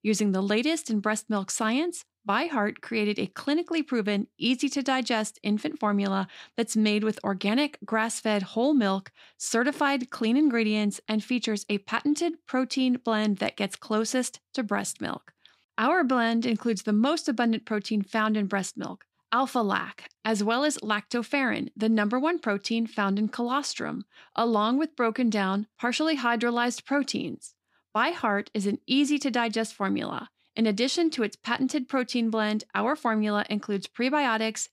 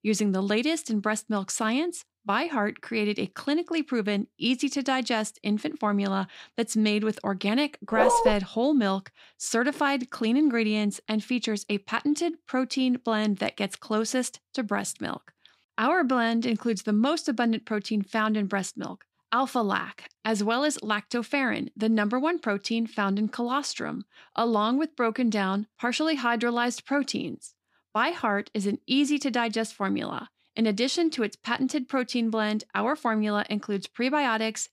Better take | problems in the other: first | dog barking; loud; at 8 s; peak 5 dB above the speech

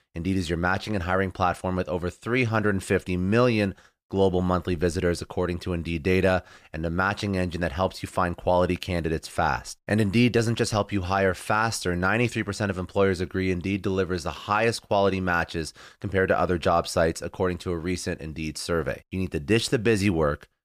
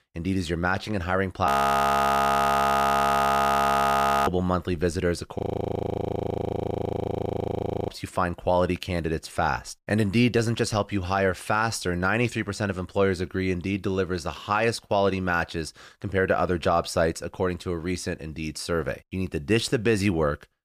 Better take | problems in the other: first | audio freezing; at 1.5 s for 3 s and at 5.5 s for 2.5 s

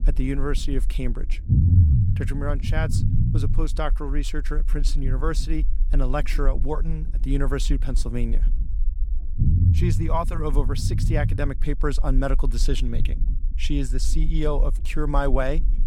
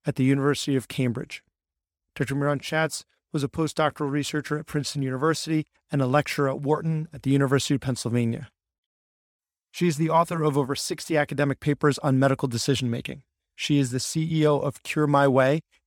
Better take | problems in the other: second | low rumble; loud; throughout; 9 dB below the speech

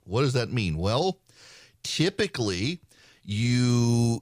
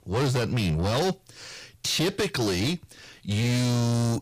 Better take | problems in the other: first | distortion; heavy; 7 dB below the speech

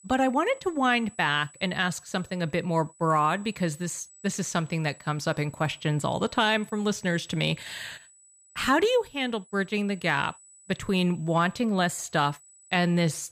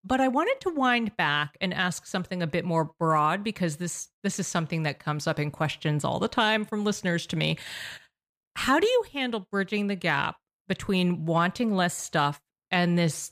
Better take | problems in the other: second | high-pitched whine; faint; throughout; 8 kHz, 25 dB below the speech

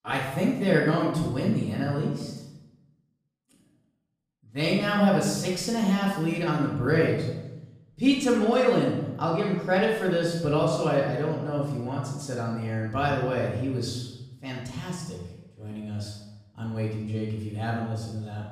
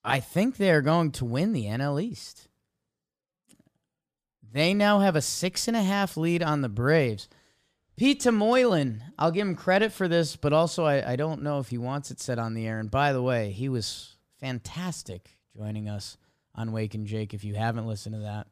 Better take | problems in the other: second | room echo; noticeable; dies away in 0.8 s // off-mic speech; far

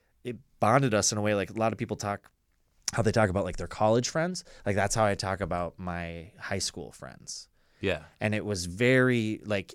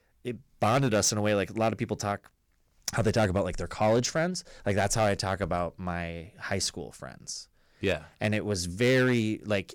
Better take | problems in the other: first | distortion; slight; 4% of the sound clipped

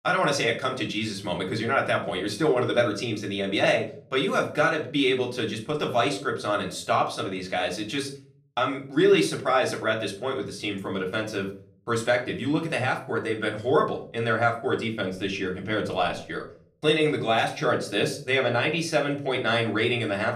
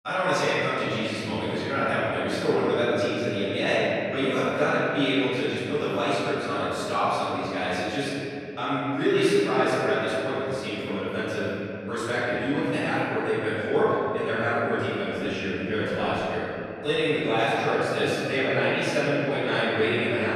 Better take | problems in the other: first | room echo; strong; dies away in 3 s; slight in the first // off-mic speech; far; far in the first

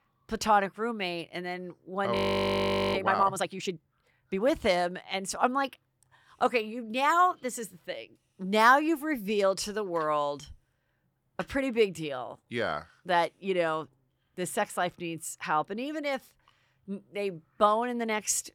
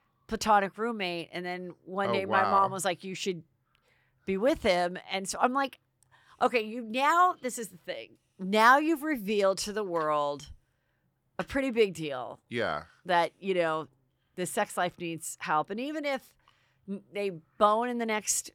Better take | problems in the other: second | audio freezing; at 2 s for 1 s

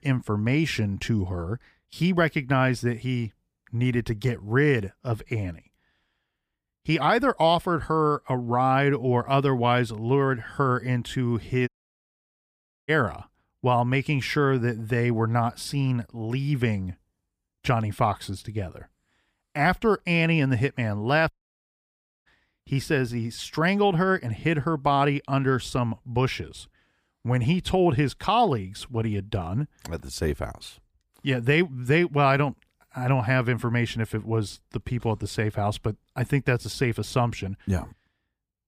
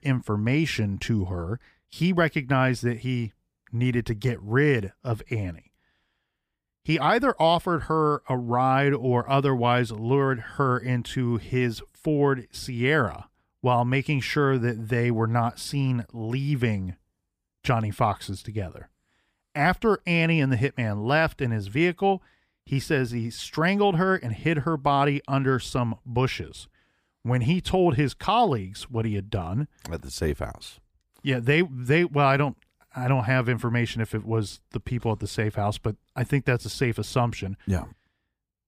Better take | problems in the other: second | audio cutting out; at 12 s for 1 s and at 21 s for 1 s

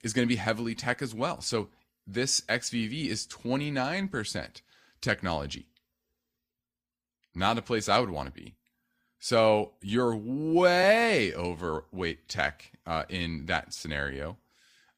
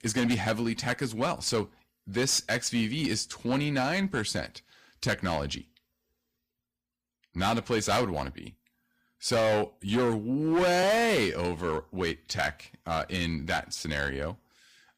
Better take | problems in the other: first | distortion; heavy; 8% of the sound clipped

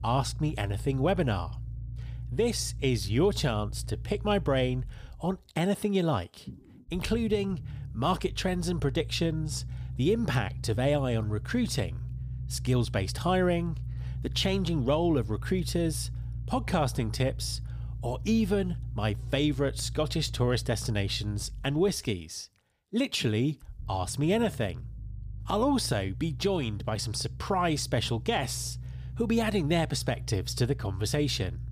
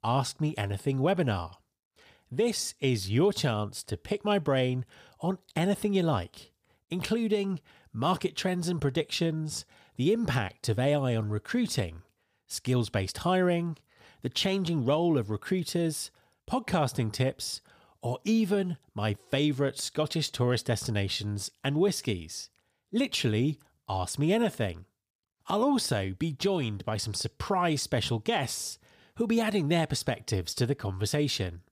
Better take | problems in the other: second | low rumble; faint; throughout; 20 dB below the speech

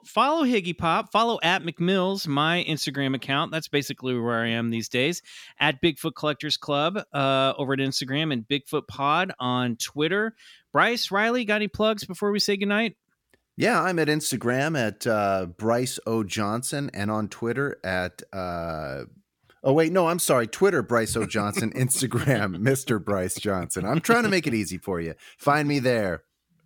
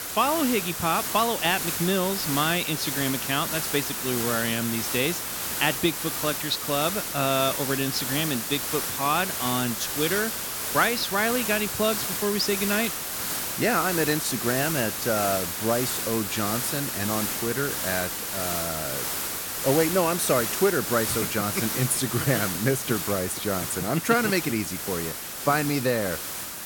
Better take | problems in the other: first | hiss; loud; throughout; 2 dB below the speech

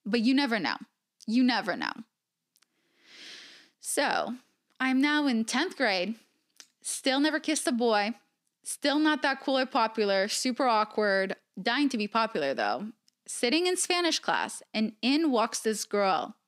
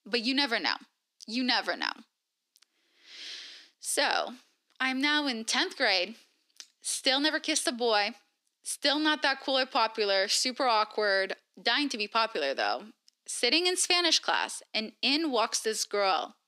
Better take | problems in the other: first | thin; very slightly; fading below 300 Hz

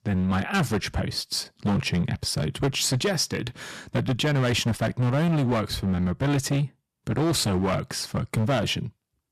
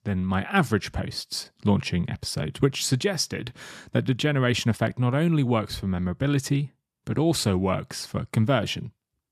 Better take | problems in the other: second | distortion; heavy; 14% of the sound clipped

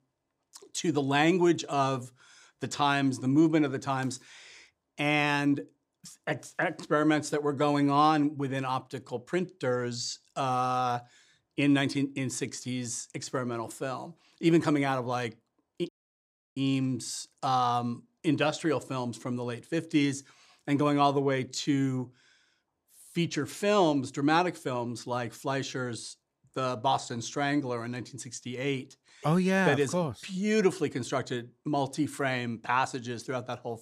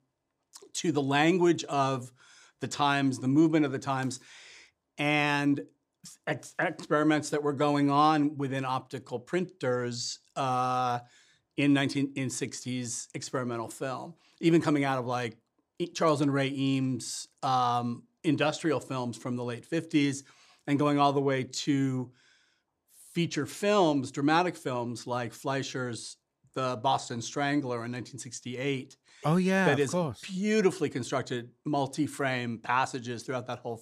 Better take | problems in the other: second | audio cutting out; at 16 s for 0.5 s

